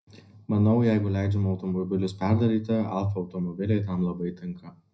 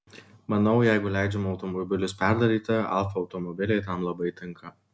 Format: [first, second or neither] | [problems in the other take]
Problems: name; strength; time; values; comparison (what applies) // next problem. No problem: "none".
second | room echo; dies away in 0.3 s